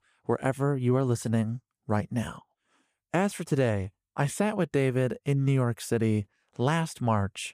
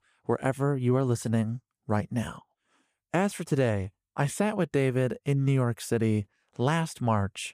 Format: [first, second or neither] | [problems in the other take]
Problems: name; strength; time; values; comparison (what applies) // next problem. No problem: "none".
neither | none